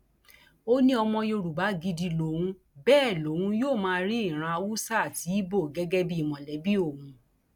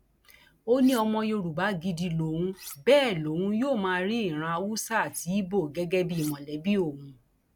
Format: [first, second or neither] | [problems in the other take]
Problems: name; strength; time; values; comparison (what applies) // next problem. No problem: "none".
first | background sound (Cutlery, silverware); 18 dB below the speech